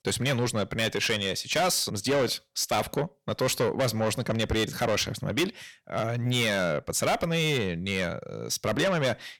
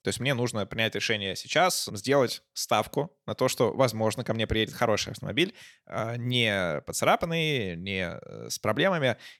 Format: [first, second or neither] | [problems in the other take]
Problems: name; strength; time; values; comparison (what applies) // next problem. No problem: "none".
second | distortion; heavy; 7 dB below the speech